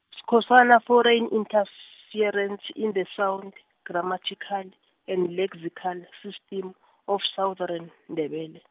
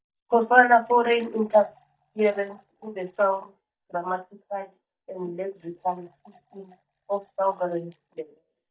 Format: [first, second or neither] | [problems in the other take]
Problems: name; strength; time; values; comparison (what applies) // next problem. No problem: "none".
first | noise reduction (neural mask model DeepFilterNet 3)